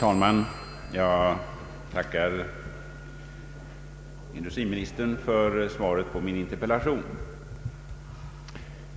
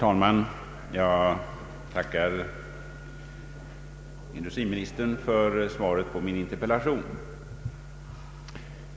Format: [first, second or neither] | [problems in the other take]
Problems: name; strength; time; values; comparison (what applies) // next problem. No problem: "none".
second | background sound (Telephone + Run); 18 dB below the speech